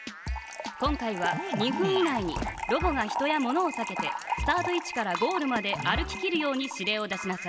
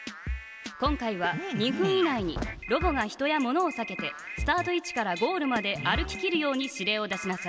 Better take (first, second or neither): second